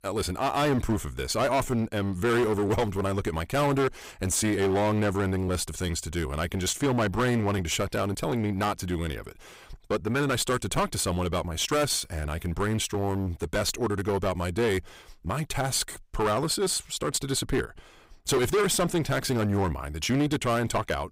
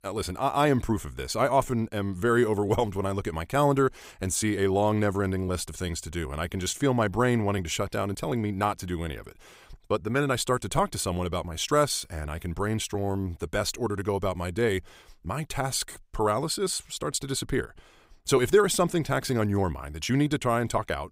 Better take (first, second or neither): second